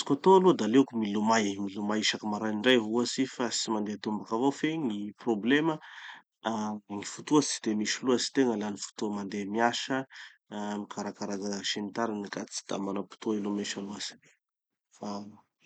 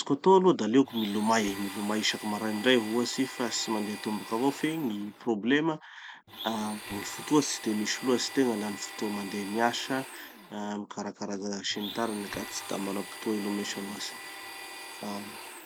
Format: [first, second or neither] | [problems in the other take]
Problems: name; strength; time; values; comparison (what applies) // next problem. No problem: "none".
first | background sound (Domestic sounds, home sounds); 14 dB below the speech